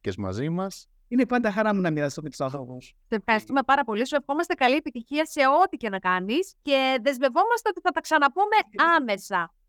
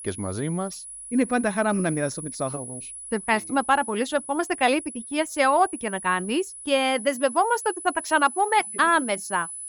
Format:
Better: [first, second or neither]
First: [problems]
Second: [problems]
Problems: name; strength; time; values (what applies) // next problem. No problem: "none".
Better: first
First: none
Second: high-pitched whine; noticeable; throughout; 10 kHz, 10 dB below the speech